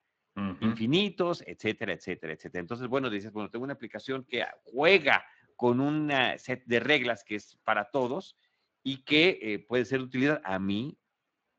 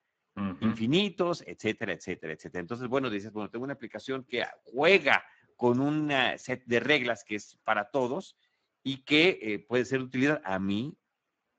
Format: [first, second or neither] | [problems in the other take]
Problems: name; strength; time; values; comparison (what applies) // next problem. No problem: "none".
first | garbled, watery; badly; nothing above 7.5 kHz; slightly in the first